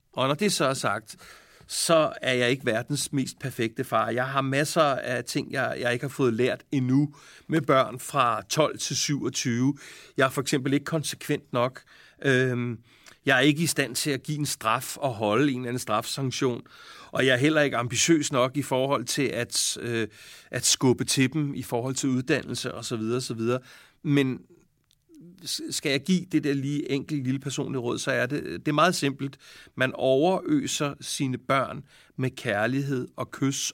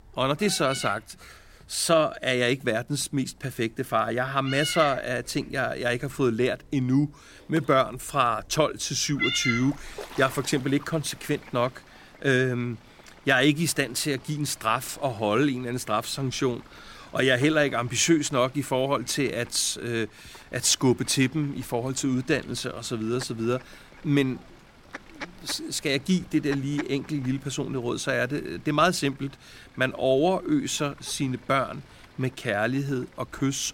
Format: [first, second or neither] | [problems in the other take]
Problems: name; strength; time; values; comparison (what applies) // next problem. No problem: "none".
first | animal sounds; noticeable; throughout; 10 dB below the speech